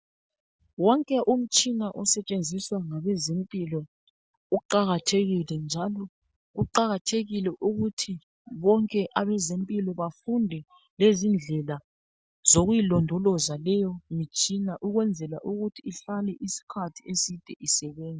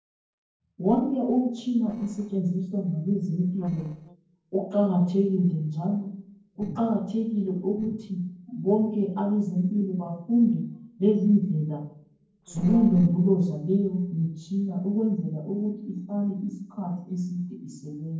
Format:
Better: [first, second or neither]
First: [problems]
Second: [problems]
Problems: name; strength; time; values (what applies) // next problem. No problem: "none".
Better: first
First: none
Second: noise reduction (neural separator model SepFormer DNS4)